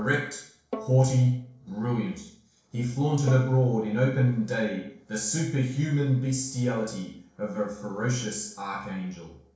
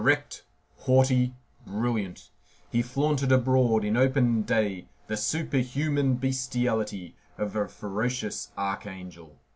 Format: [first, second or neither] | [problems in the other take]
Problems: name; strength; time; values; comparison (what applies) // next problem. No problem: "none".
second | noise reduction (neural separator model SepFormer DNS4)